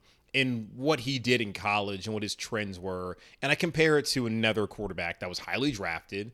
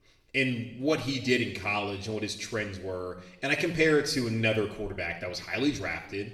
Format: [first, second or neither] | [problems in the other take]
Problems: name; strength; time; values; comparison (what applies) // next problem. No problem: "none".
first | room echo; slight; dies away in 0.8 s // off-mic speech; somewhat distant